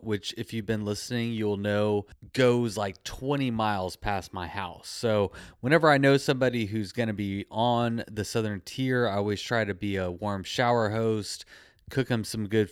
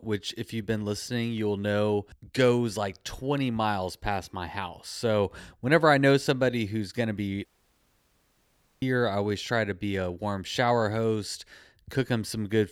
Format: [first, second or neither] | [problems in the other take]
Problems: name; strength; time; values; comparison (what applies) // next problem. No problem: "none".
first | audio cutting out; at 7.5 s for 1.5 s